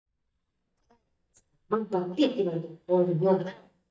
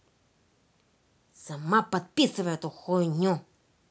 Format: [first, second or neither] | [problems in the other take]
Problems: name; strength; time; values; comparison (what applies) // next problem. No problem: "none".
second | noise reduction (neural mask model DeepFilterNet 3)